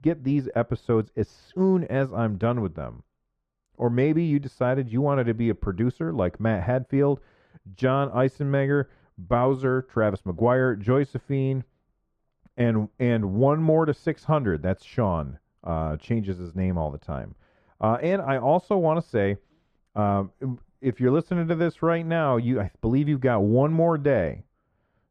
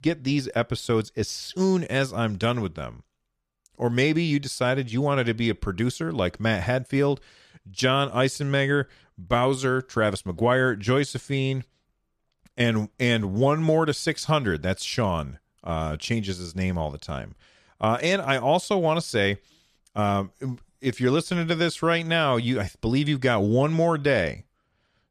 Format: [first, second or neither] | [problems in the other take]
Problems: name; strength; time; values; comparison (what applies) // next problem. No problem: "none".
second | muffled; very; fading above 2.5 kHz